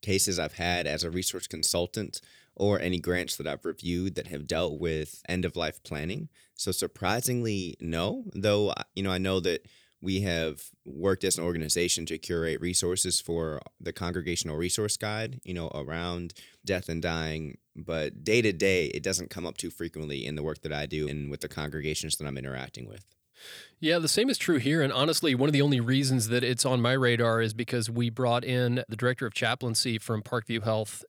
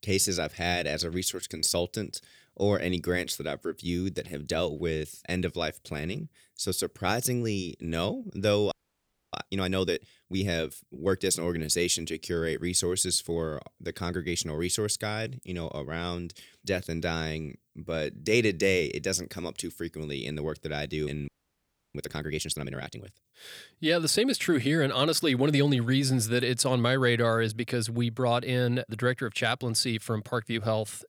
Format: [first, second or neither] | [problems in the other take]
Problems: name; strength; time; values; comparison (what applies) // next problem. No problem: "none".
first | audio freezing; at 8.5 s for 0.5 s and at 21 s for 0.5 s